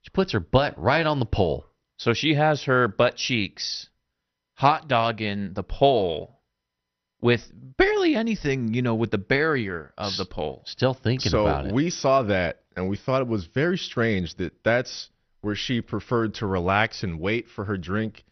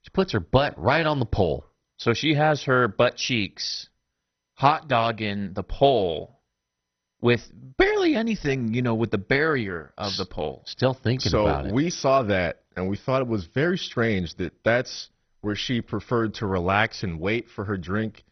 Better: first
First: garbled, watery; slightly; nothing above 6 kHz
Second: garbled, watery; badly; nothing above 6 kHz

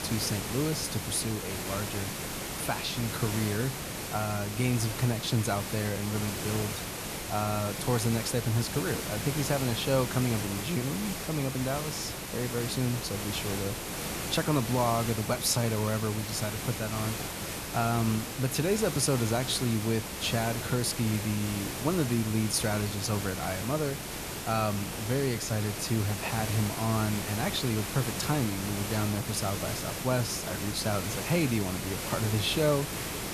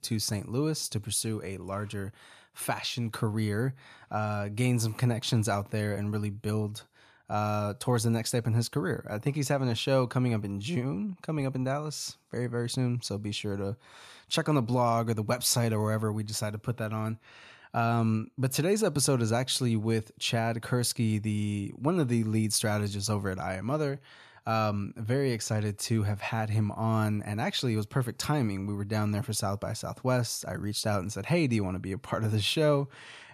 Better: second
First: hiss; loud; throughout; 4 dB below the speech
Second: none

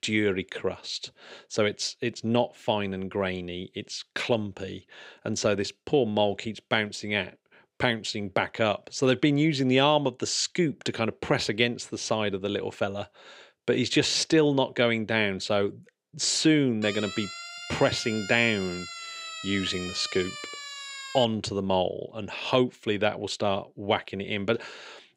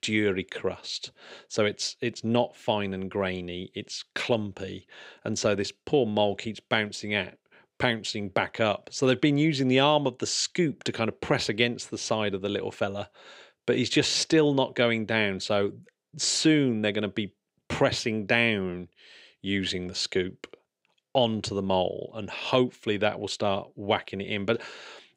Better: second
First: siren; noticeable; from 17 to 21 s; peak 9 dB below the speech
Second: none

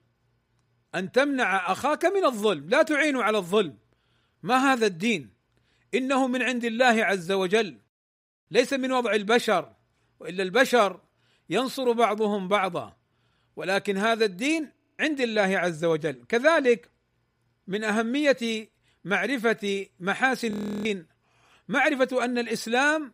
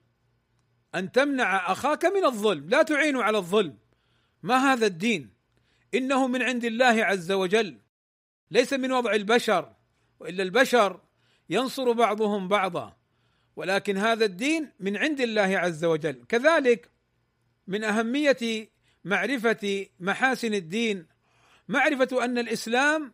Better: second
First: audio freezing; at 15 s and at 21 s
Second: none

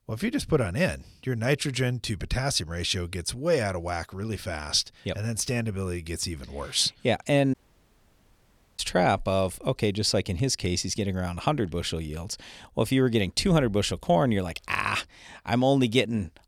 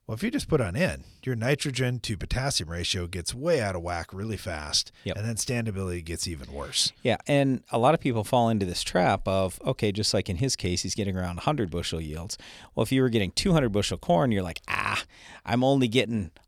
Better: second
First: audio cutting out; at 7.5 s for 1 s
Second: none

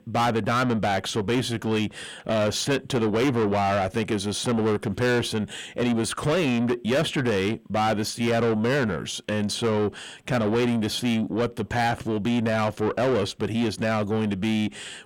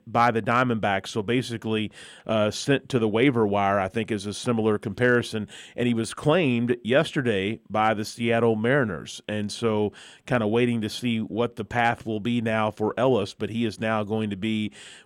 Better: second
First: distortion; heavy; 7 dB below the speech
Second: none

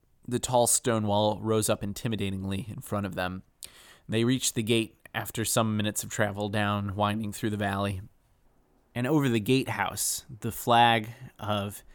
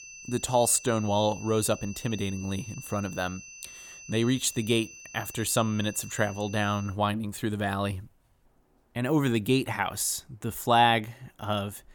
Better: first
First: none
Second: high-pitched whine; noticeable; until 7 s; 2.5 kHz, 15 dB below the speech

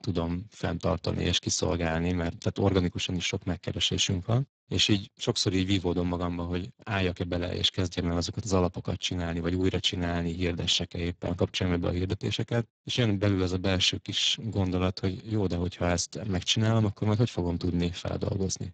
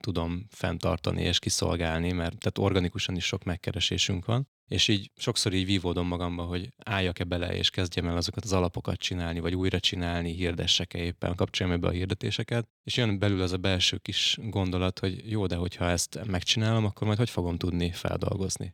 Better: second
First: garbled, watery; badly; nothing above 7.5 kHz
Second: none

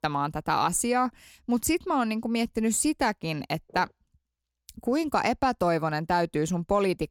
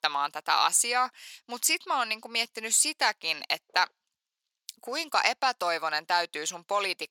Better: first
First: none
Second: thin; very; fading below 850 Hz

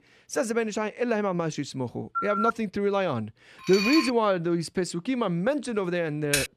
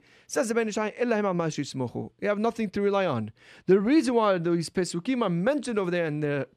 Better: second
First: phone ringing; noticeable; at 2 s; peak 1 dB below the speech // clattering dishes; loud; at 3.5 s; peak 1 dB above the speech // keyboard typing; very faint; at 6.5 s; peak level with the speech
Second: none

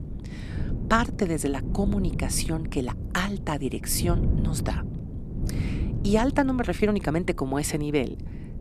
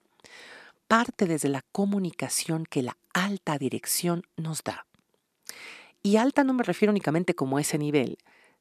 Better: second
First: wind noise on the microphone; occasional gusts; 15 dB below the speech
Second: none

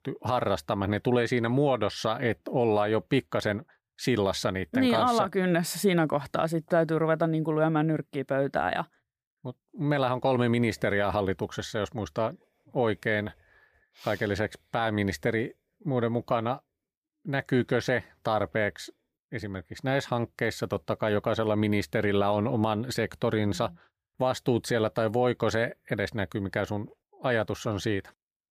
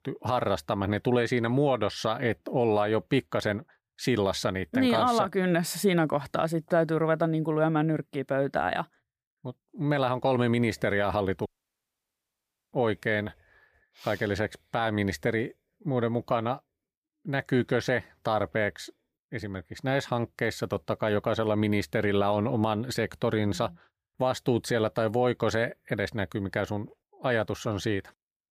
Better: first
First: none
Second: audio cutting out; at 11 s for 1.5 s

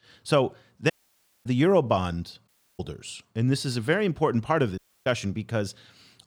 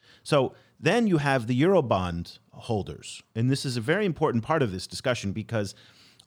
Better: second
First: audio cutting out; at 1 s for 0.5 s, at 2.5 s and at 5 s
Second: none

